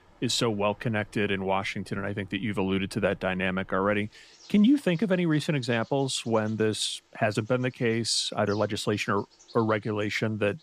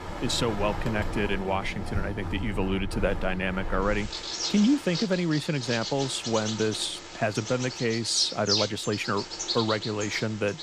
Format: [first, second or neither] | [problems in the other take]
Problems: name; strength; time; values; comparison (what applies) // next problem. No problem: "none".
first | animal sounds; loud; throughout; 5 dB below the speech; faint in the first